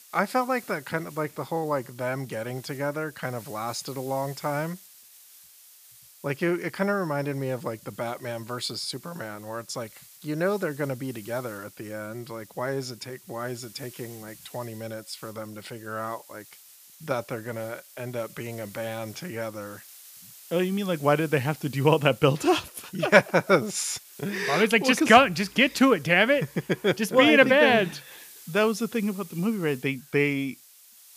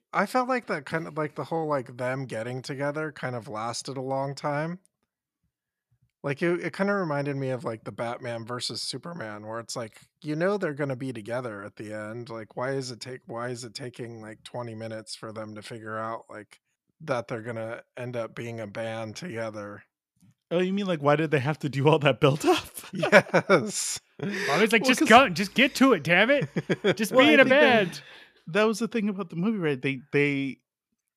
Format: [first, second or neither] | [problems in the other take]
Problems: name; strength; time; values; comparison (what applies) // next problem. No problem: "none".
second | hiss; faint; throughout; 20 dB below the speech